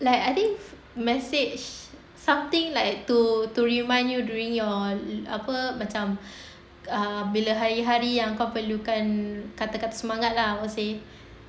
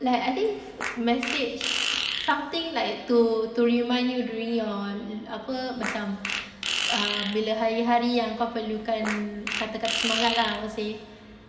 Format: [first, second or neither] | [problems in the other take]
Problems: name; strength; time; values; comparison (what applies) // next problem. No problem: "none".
first | background sound (Fart); 4 dB below the speech // room echo; dies away in 1.7 s